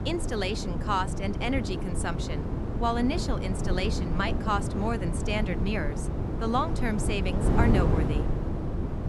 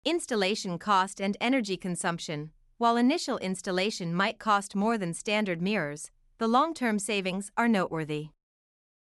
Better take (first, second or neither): second